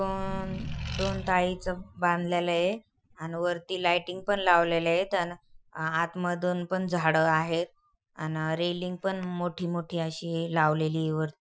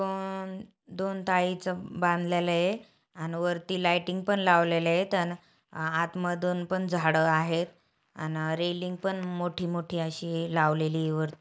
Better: second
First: noise reduction (classical method Wiener filter)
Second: none

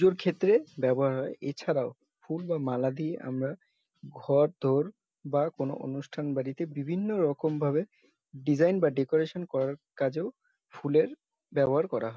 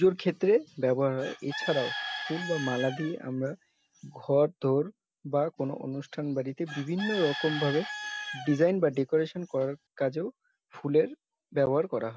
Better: first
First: none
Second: background sound (Bird / Chicken, rooster); 11 dB below the speech

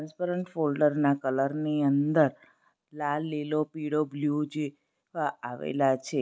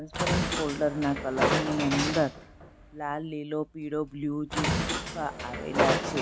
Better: first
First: none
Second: background sound (Train); as loud as the speech

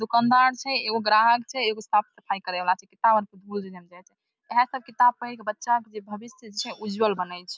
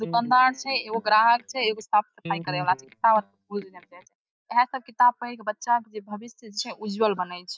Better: first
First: none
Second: noise reduction (neural mask model DeepFilterNet 3)

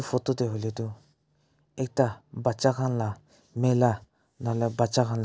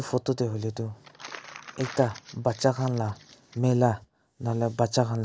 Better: first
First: none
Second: background sound (Crumpling, crinkling); 18 dB below the speech

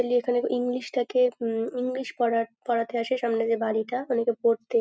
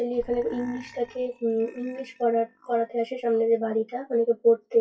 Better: first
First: none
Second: noise reduction (classical method WPE with log-MMSE)

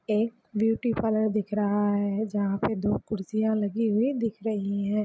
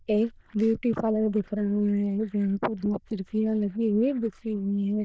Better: first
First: none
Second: noise reduction (neural diffusion model UNIVERSE++)

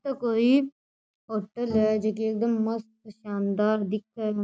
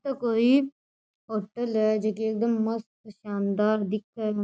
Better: second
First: background sound (Bowed string instrument); 12 dB below the speech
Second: none

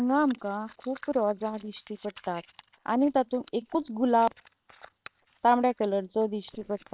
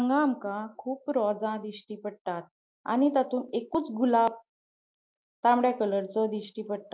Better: second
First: noise reduction (neural separator model SepFormer WHAM!)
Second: none

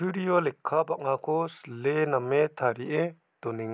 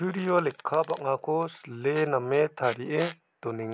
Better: first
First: none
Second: background sound (Squeak); 20 dB below the speech

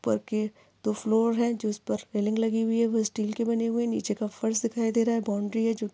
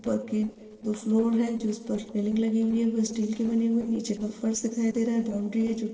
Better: first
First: none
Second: noise reduction (neural separator model SepFormer DNS4)

